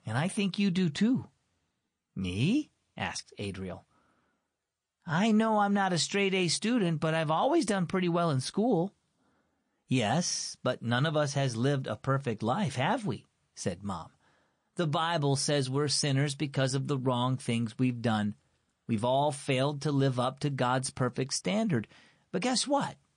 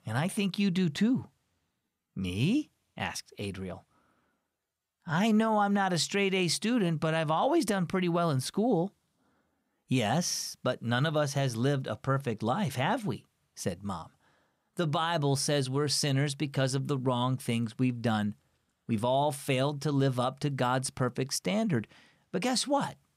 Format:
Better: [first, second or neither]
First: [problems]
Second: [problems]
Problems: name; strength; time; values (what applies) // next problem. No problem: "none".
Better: second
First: garbled, watery; slightly; nothing above 9.5 kHz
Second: none